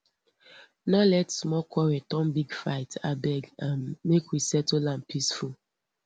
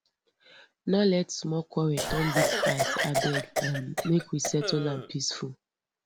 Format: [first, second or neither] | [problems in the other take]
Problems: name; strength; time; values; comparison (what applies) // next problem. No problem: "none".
first | background sound (Cough); 1 dB below the speech